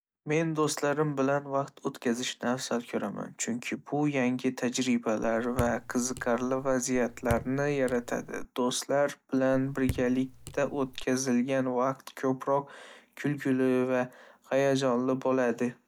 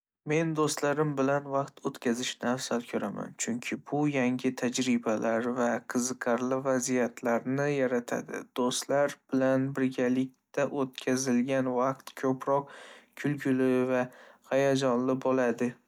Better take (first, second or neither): second